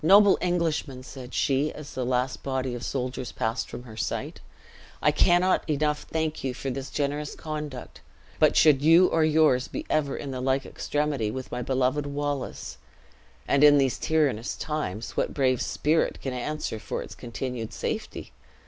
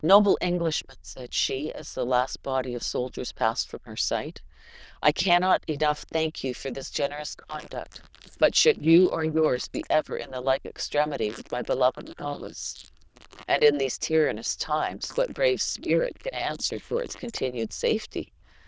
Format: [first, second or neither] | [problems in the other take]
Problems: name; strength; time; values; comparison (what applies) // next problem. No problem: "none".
first | noise reduction (neural diffusion model UNIVERSE++)